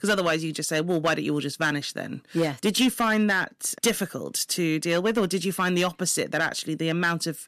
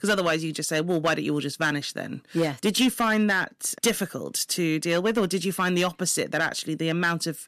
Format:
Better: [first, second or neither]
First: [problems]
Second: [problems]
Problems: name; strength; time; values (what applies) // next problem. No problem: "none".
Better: neither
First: distortion; slight; 4% of the sound clipped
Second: distortion; slight; 4% of the sound clipped